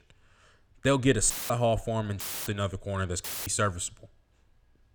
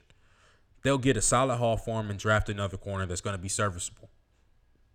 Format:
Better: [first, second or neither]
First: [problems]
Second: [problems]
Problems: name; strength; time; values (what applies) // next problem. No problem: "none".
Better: second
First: audio cutting out; filled with static; at 1.5 s, at 2 s and at 3 s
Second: none